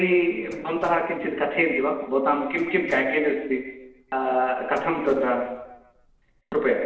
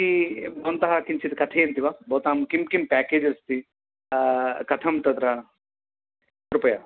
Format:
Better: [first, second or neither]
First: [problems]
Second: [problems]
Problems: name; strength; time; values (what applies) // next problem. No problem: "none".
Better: second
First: noise reduction (neural separator model SepFormer DNS4)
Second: none